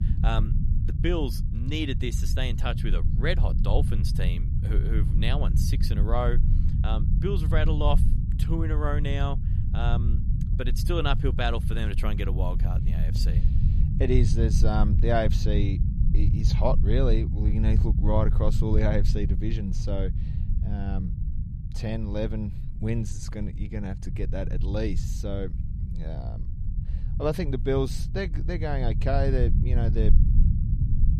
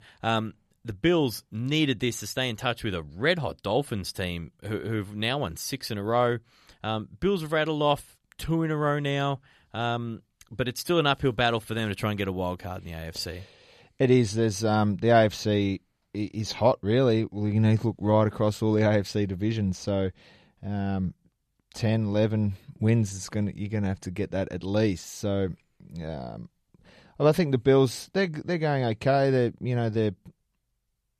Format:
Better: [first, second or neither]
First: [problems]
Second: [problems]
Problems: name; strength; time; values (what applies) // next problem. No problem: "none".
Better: second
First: low rumble; loud; throughout; 9 dB below the speech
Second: none